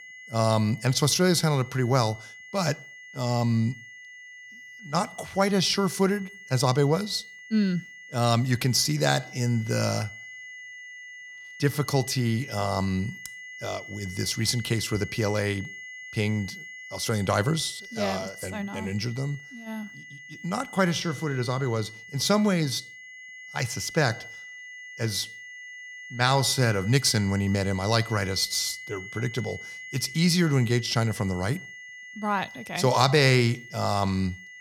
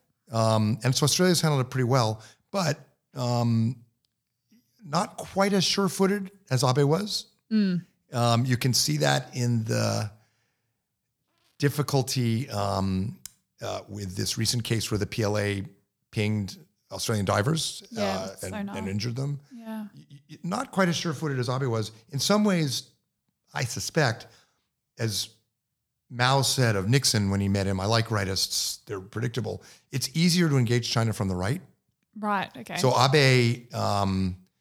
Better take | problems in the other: second | high-pitched whine; noticeable; throughout; 2 kHz, 15 dB below the speech

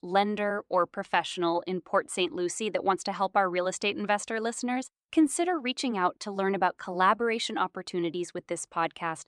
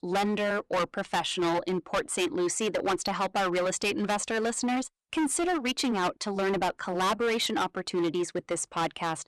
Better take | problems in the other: first | distortion; heavy; 20% of the sound clipped

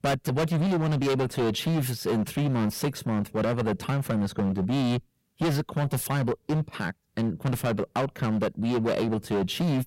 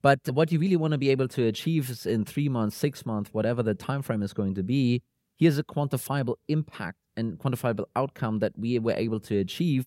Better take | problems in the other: second | distortion; heavy; 24% of the sound clipped

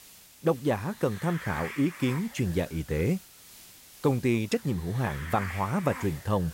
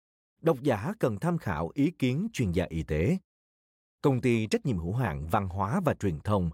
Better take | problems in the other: second | hiss; noticeable; throughout; 15 dB below the speech

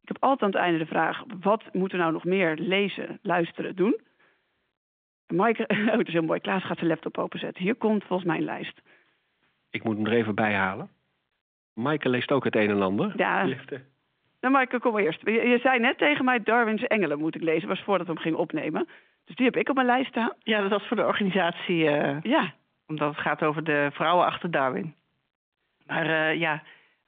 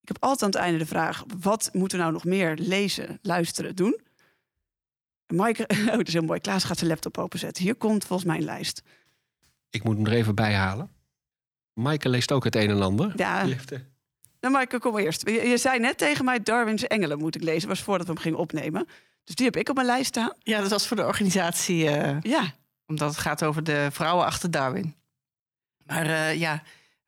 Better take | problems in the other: second | phone-call audio

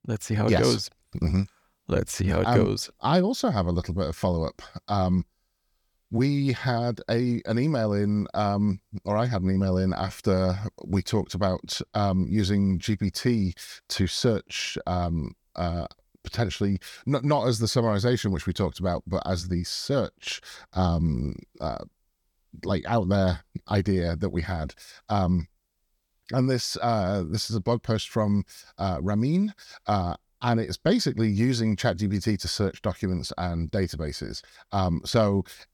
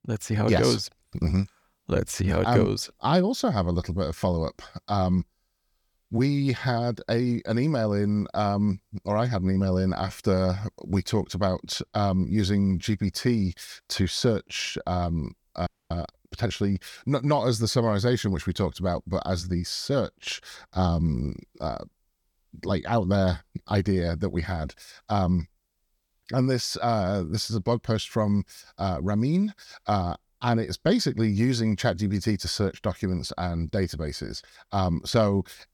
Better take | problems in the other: first | audio freezing; at 16 s

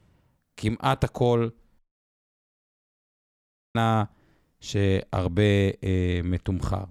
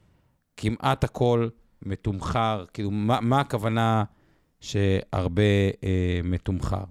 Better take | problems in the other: second | audio cutting out; at 2 s for 2 s

